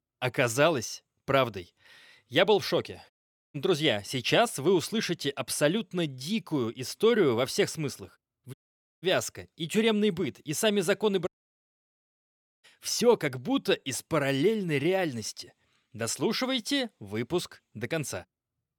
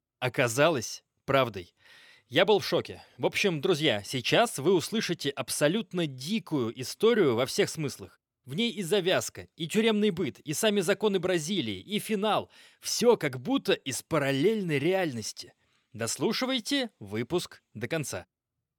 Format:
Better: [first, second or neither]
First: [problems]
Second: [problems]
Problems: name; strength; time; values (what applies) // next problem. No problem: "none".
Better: second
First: audio cutting out; at 3 s, at 8.5 s and at 11 s for 1.5 s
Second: none